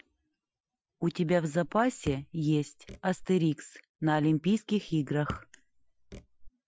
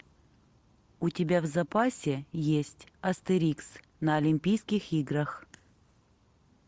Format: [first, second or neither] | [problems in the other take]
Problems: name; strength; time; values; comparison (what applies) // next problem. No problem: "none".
second | noise reduction (classical method Wiener filter)